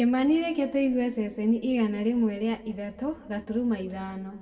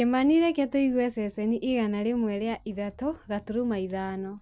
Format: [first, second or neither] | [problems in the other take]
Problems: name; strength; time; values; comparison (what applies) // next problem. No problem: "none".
second | room echo; dies away in 1.1 s